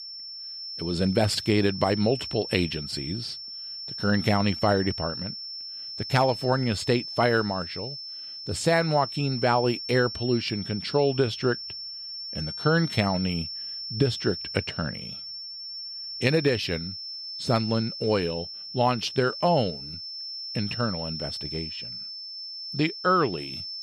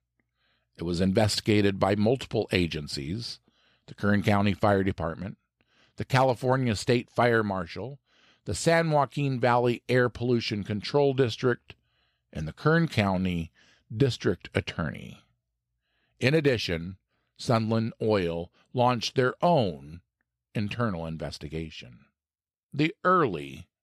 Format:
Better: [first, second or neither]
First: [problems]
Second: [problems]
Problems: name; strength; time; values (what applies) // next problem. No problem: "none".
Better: second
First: high-pitched whine; loud; throughout; 5.5 kHz, 8 dB below the speech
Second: none